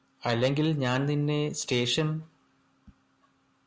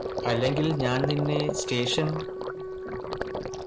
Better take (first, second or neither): first